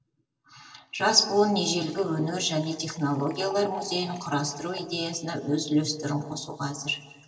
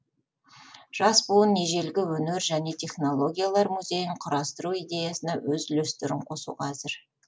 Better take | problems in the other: second | background sound (Liquid); 18 dB below the speech // room echo; dies away in 2.2 s

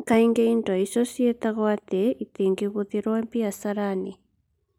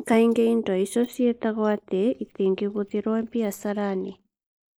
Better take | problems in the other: first | noise reduction (neural mask model Resemble Enhance denoiser)

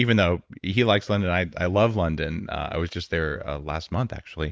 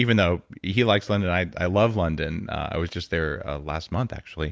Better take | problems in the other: second | noise reduction (neural mask model Resemble Enhance denoiser)

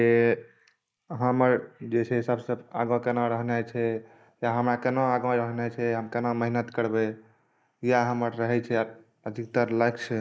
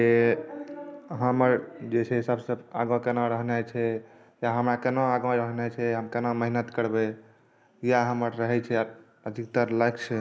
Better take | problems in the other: second | noise reduction (neural mask model Resemble Enhance denoiser)

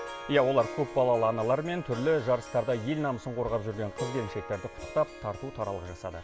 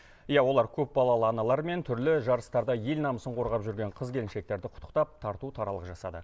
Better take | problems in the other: second | background sound (Harp); 13 dB below the speech

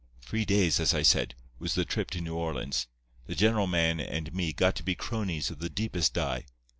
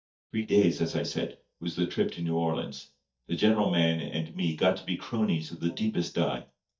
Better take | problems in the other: first | noise reduction (neural mask model DeepFilterNet 3)

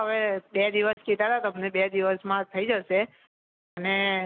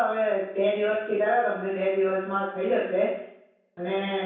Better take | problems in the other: first | room echo; dies away in 0.7 s

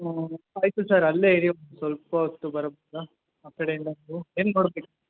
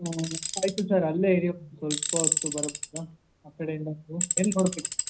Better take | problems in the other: first | background sound (Tools); 2 dB below the speech // room echo; dies away in 0.4 s

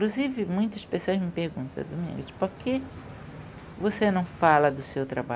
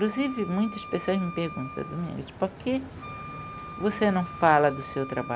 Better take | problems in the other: first | background sound (Wind instrument, woodwind instrument); 14 dB below the speech

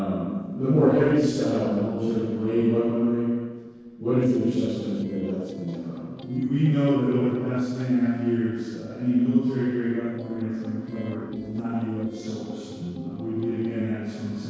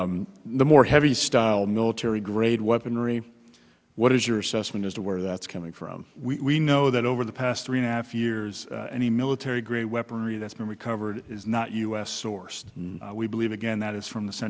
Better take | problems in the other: second | noise reduction (neural separator model SepFormer DNS4)

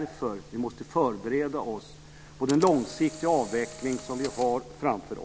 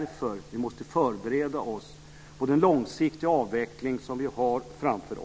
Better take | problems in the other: second | background sound (Camera); 17 dB below the speech

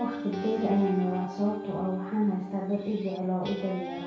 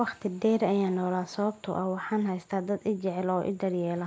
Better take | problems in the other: second | background sound (Guitar); 10 dB below the speech // room echo; dies away in 0.6 s

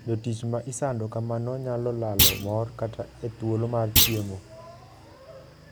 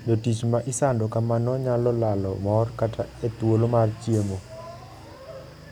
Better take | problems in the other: second | background sound (Thump, thud); 2 dB above the speech

